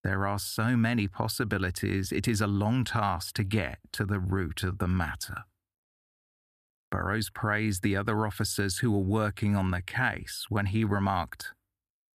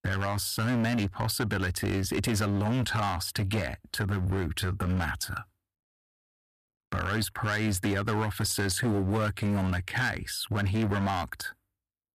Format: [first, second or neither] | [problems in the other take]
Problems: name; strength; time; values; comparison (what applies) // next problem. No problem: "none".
first | distortion; heavy; 14% of the sound clipped